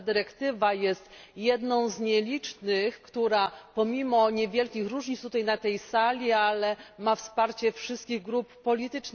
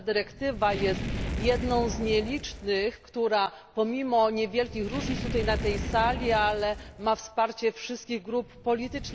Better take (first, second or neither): first